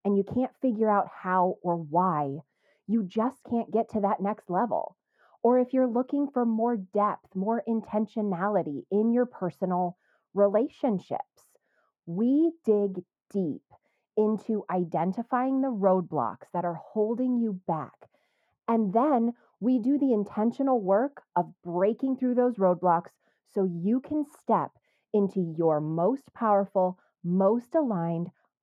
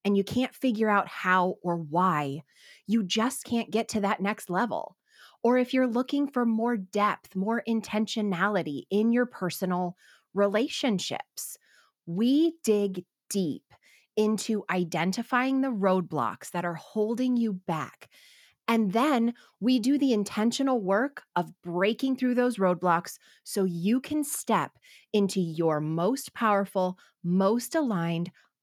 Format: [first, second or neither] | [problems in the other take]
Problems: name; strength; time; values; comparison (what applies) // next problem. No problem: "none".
second | muffled; very; fading above 1.5 kHz